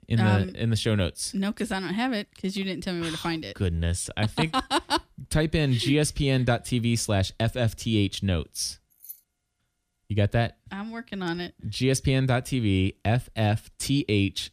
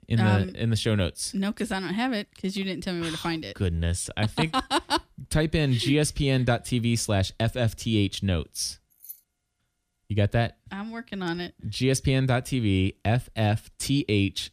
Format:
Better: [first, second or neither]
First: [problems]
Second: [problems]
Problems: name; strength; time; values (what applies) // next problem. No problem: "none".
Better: neither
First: jangling keys; faint; at 9 s; peak 15 dB below the speech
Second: jangling keys; faint; at 9 s; peak 15 dB below the speech